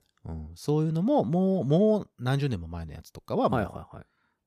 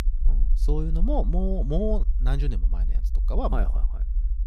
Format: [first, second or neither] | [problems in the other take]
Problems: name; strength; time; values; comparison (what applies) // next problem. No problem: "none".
first | low rumble; noticeable; throughout; 15 dB below the speech